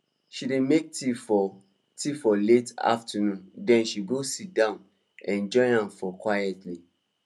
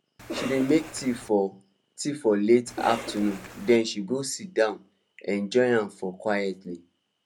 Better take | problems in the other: first | background sound (Cough); 11 dB below the speech

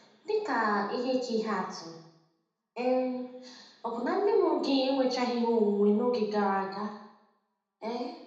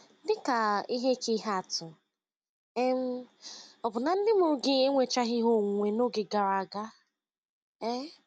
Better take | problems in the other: second | room echo; dies away in 0.8 s

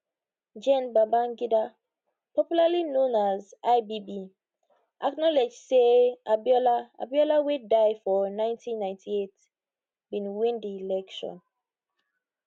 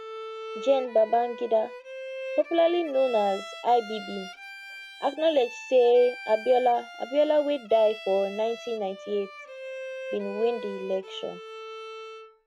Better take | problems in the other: first | background sound (Bowed string instrument); 13 dB below the speech

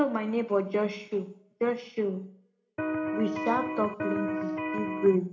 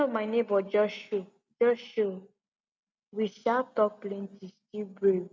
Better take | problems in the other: second | background sound (Electric guitar); 2 dB below the speech // room echo; dies away in 0.3 s

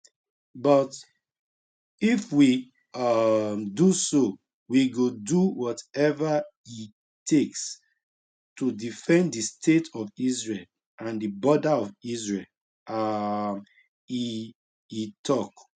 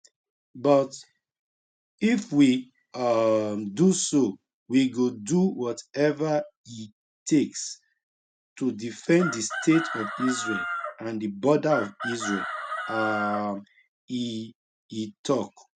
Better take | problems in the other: first | background sound (Chicken, rooster); 7 dB below the speech

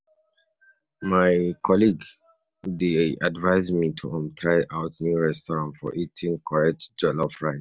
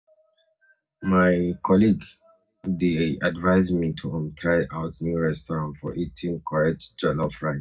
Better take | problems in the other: first | room echo; dies away in 0.4 s

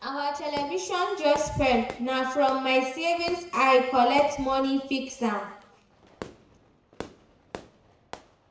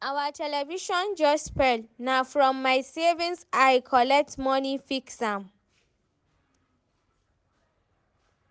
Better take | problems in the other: second | background sound (Fireworks); 19 dB below the speech // room echo; dies away in 0.8 s

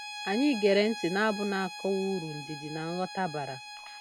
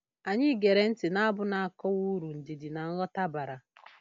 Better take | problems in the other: second | background sound (Bowed string instrument); 11 dB below the speech

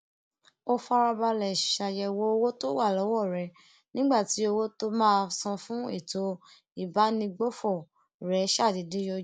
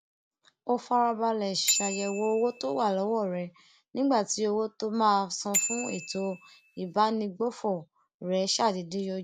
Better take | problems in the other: first | background sound (Bicycle bell); 8 dB below the speech

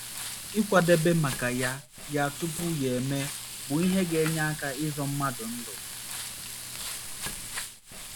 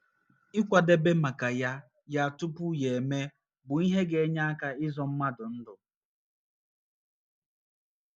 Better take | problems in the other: second | background sound (Frying (food)); 8 dB below the speech

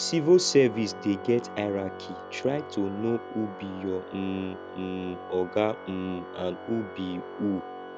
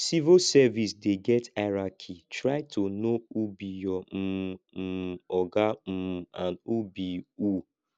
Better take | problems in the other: second | background sound (Organ); 12 dB below the speech

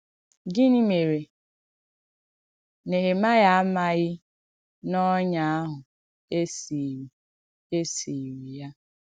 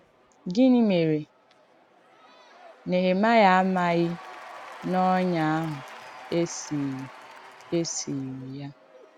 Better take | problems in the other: first | background sound (Applause / Crowd / Cheering); 20 dB below the speech

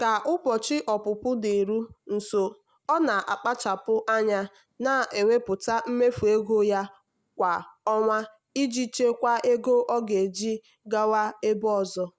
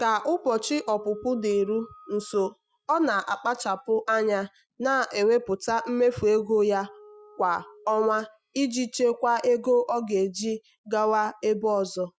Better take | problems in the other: first | noise reduction (classical method Wiener filter)

